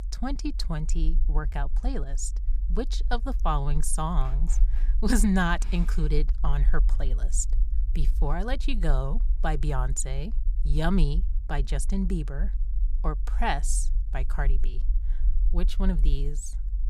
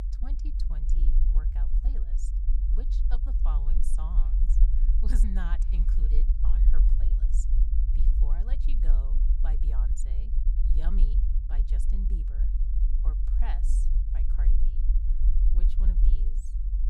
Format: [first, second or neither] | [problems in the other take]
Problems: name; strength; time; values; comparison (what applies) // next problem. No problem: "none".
first | low rumble; loud; throughout; 2 dB below the speech; faint in the first